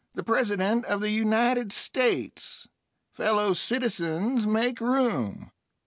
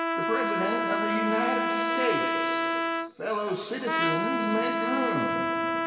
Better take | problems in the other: first | background sound (Trumpet); 3 dB above the speech // room echo; dies away in 2.4 s

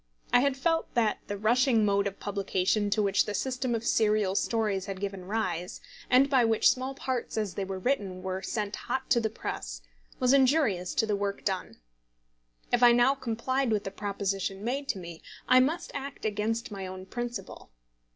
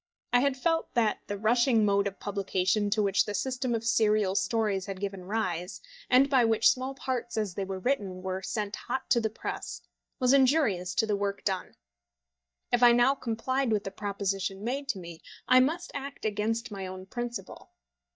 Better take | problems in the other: first | noise reduction (neural mask model DeepFilterNet 3)

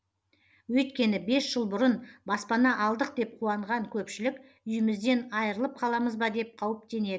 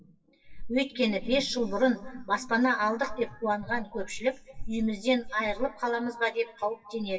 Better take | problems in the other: first | noise reduction (classical method WPE with log-MMSE)

